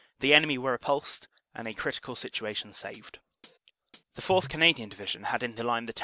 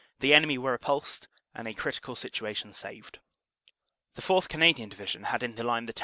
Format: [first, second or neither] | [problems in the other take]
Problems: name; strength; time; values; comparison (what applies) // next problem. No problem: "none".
second | background sound (Hi-hat); 19 dB below the speech